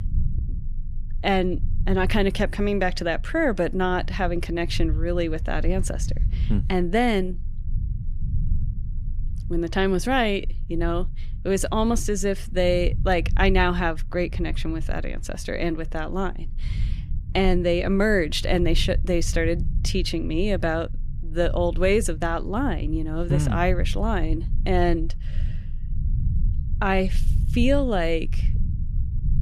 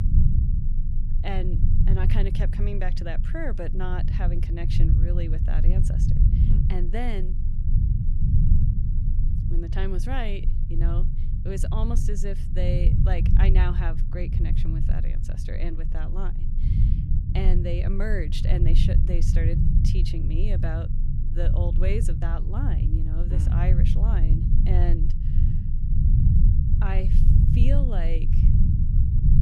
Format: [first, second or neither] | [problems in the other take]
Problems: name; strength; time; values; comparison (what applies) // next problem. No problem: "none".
first | low rumble; loud; throughout; 3 dB below the speech; faint in the first